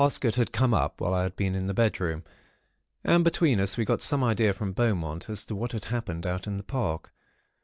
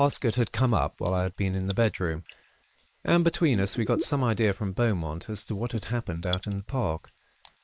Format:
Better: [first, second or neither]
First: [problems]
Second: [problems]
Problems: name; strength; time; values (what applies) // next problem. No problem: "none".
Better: first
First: none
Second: noise reduction (neural mask model Resemble Enhance denoiser)